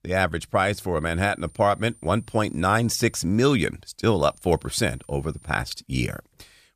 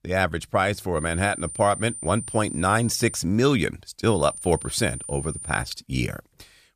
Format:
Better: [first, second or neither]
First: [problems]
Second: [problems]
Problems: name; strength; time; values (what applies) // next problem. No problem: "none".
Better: first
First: high-pitched whine; faint; from 1 to 3 s and from 4 to 5.5 s; 9 kHz, 25 dB below the speech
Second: high-pitched whine; loud; from 1 to 3 s and from 4 to 5.5 s; 9 kHz, 10 dB below the speech